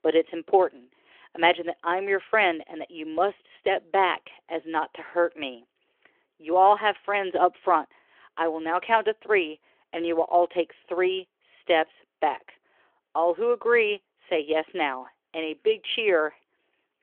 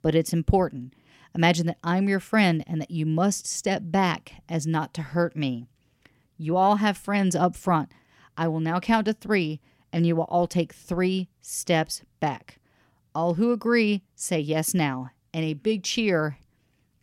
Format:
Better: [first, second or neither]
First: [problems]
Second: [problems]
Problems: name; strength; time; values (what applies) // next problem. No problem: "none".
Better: second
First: phone-call audio; nothing above 3 kHz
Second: none